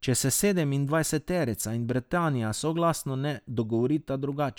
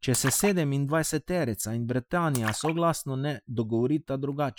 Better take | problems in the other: first | noise reduction (classical method Wiener filter)

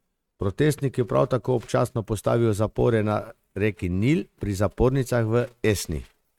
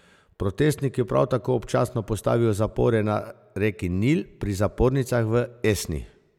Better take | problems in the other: second | noise reduction (neural mask model RNNoise)

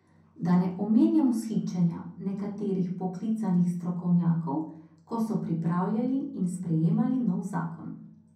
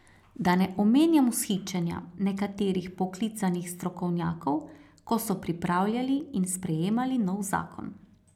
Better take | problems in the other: second | room echo; dies away in 0.6 s

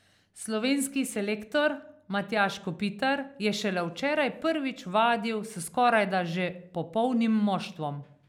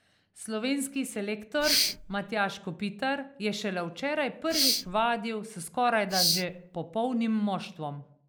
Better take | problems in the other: first | noise reduction (neural mask model Resemble Enhance denoiser)

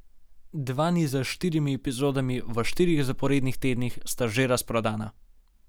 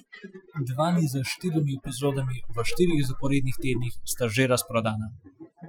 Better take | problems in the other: first | noise reduction (classical method Wiener filter)

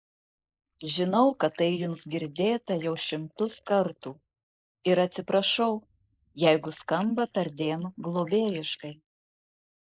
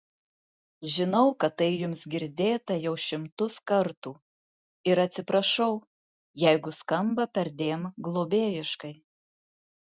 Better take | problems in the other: second | noise reduction (neural mask model Resemble Enhance denoiser)

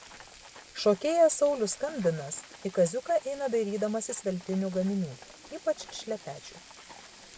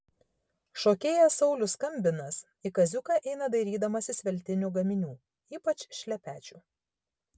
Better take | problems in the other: second | background sound (Frying (food) + Livestock, farm animals, working animals); 20 dB below the speech

